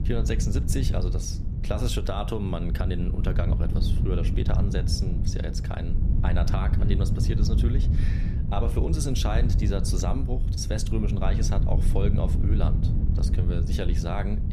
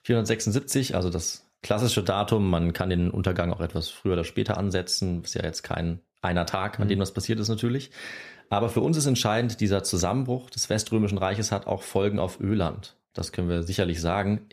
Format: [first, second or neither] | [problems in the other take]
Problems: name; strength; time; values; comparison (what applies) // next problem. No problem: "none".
second | wind noise on the microphone; heavy; 6 dB below the speech